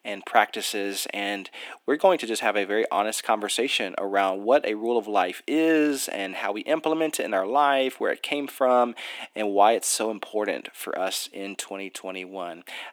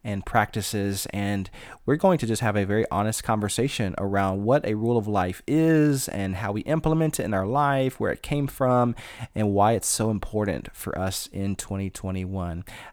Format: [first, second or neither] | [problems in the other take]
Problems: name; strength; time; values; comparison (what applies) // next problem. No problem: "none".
second | thin; somewhat; fading below 250 Hz